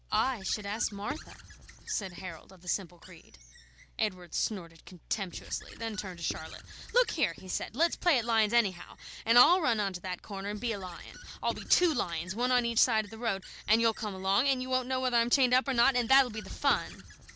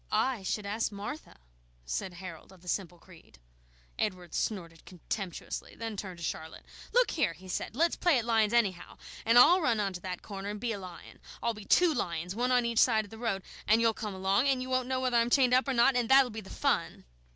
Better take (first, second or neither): second